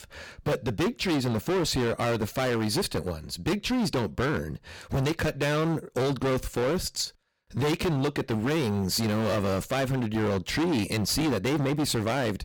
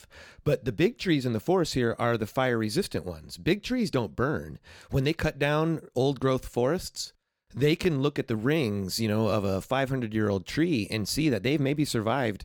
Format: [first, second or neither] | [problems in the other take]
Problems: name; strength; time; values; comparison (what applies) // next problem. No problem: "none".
second | distortion; heavy; 24% of the sound clipped